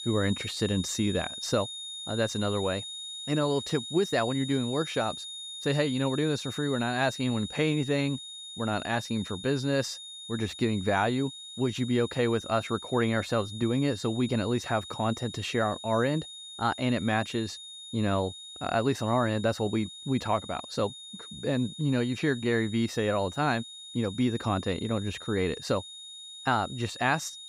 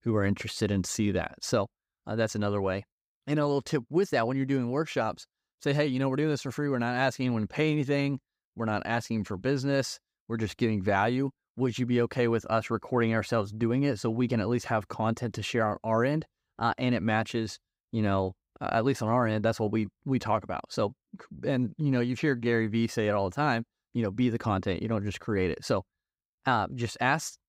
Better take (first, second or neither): second